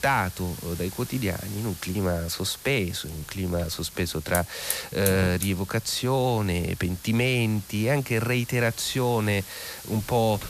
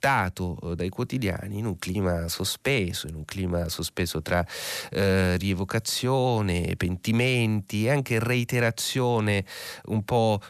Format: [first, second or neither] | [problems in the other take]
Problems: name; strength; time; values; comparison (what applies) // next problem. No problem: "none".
second | hiss; noticeable; throughout; 10 dB below the speech